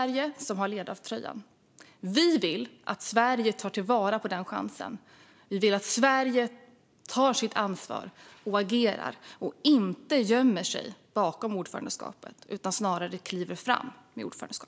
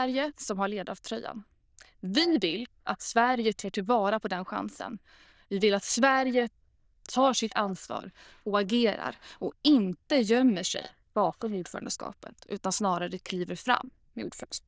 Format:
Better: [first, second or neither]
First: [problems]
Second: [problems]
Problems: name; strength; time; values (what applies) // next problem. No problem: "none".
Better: first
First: none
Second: noise reduction (neural diffusion model UNIVERSE++)